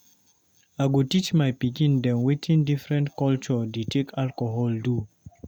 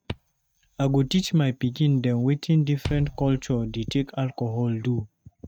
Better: first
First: none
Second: noise reduction (neural mask model RNNoise)

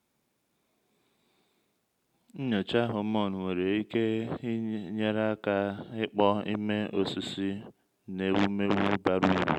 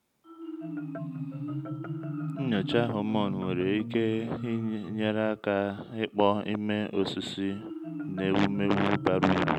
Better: first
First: none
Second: background sound (Marimba, xylophone); 8 dB below the speech

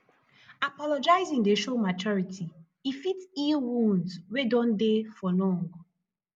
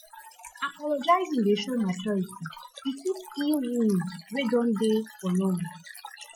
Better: first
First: none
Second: noise reduction (classical method Wiener filter)

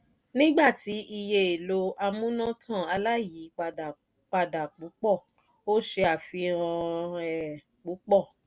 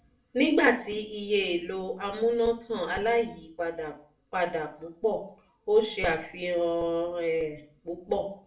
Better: first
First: none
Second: room echo; dies away in 0.4 s

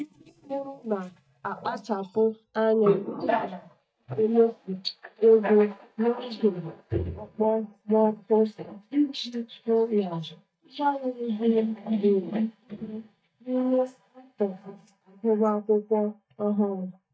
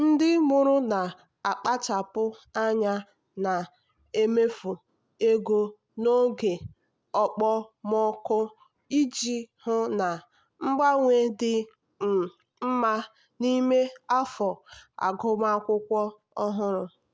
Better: second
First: noise reduction (neural mask model DeepFilterNet 3)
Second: none

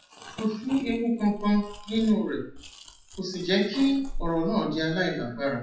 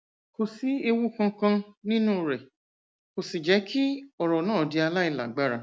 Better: second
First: noise reduction (classical method WPE with log-MMSE)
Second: none

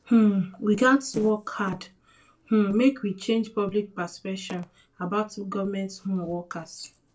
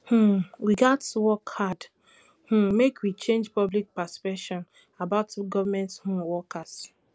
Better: second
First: noise reduction (neural separator model SepFormer DNS4)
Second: none

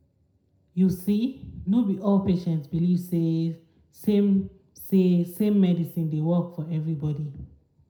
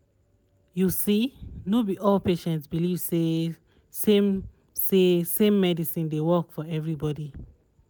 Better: second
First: room echo; dies away in 0.5 s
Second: none

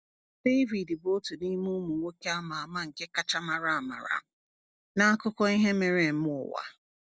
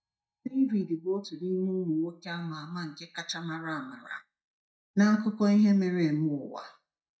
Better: first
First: none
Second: noise reduction (neural mask model DeepFilterNet 3)

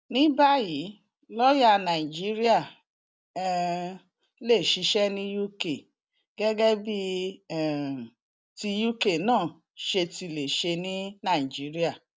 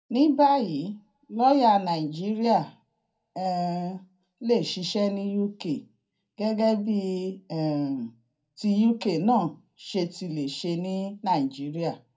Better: first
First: none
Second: room echo; dies away in 0.2 s

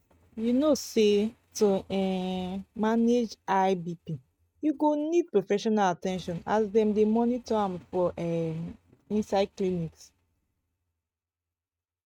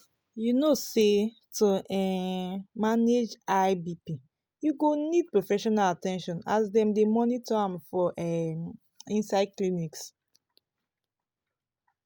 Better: second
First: noise reduction (neural mask model RNNoise)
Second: none

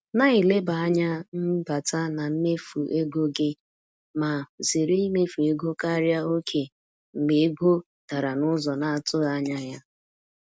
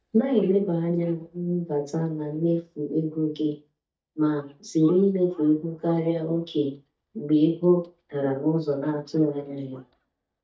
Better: first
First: none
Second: noise reduction (neural mask model DeepFilterNet 3)

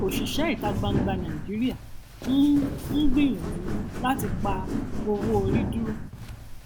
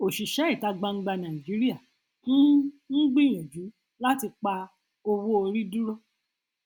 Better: second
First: background sound (Walk, footsteps); 1 dB below the speech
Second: none

